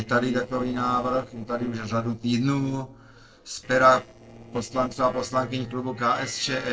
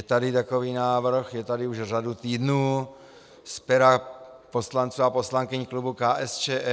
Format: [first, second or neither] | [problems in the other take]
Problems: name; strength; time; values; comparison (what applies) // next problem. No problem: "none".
second | noise reduction (neural separator model SepFormer DNS4)